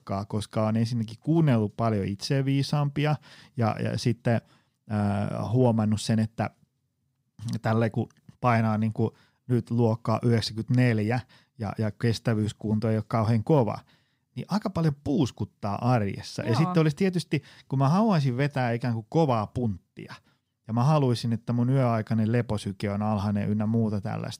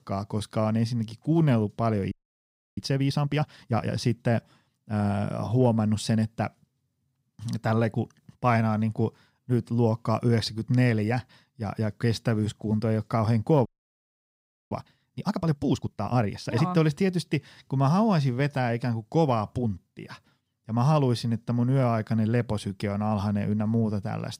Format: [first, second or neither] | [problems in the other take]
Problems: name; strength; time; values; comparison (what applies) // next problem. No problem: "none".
first | audio freezing; at 2 s for 0.5 s and at 14 s for 1 s